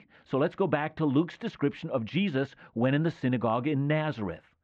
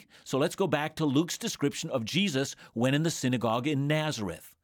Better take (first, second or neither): second